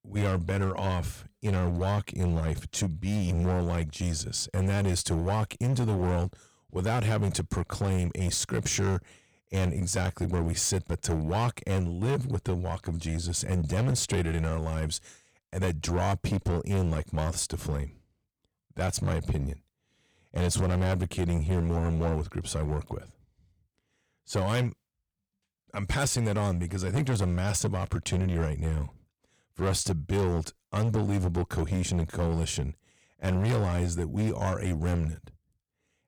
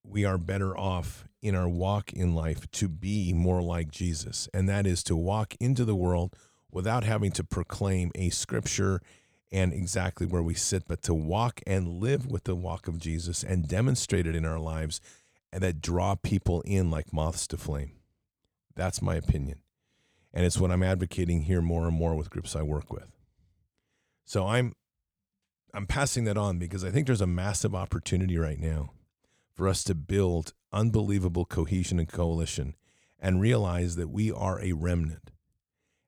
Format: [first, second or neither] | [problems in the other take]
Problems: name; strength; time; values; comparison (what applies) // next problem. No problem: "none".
second | distortion; slight; 12% of the sound clipped